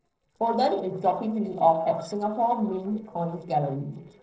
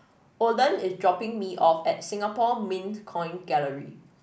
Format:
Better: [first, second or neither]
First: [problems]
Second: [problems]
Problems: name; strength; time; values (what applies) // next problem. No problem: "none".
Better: second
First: noise reduction (neural separator model SepFormer DNS4)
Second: none